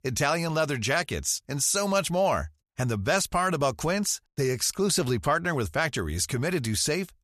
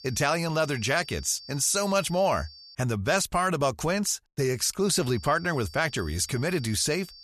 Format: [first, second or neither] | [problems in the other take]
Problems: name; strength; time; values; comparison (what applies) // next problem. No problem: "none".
first | high-pitched whine; noticeable; until 3 s and from 5 s on; 4.5 kHz, 20 dB below the speech